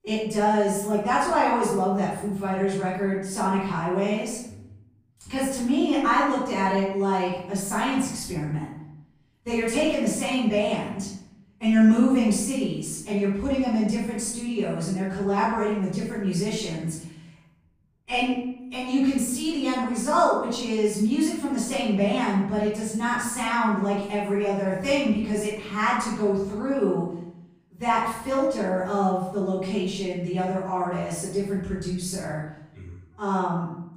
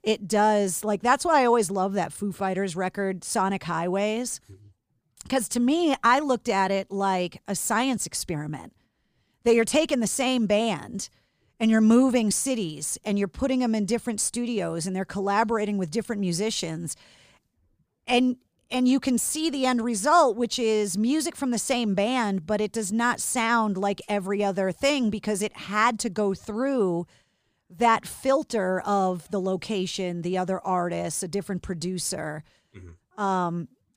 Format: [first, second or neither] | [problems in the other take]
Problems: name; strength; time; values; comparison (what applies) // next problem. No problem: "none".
second | room echo; noticeable; dies away in 0.7 s // off-mic speech; far